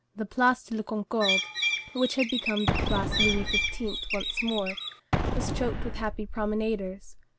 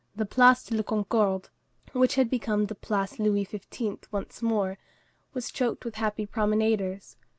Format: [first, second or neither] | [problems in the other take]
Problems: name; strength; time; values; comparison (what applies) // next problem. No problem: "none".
second | background sound (Bird + Explosion); 1 dB above the speech